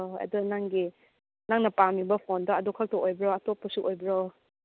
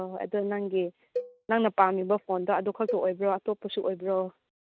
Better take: first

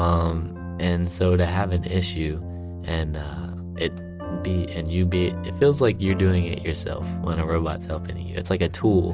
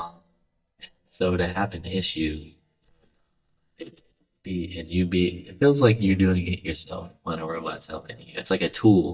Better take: first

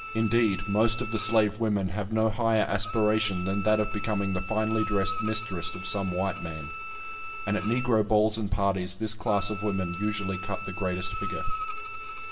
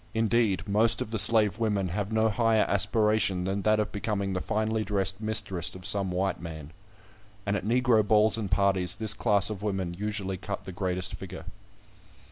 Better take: second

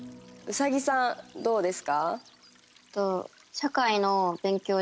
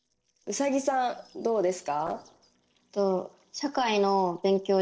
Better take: first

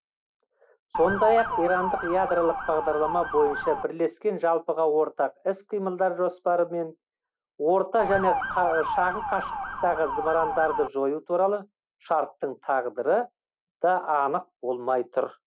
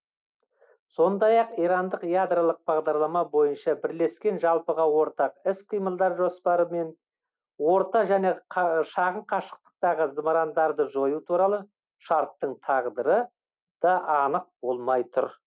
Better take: second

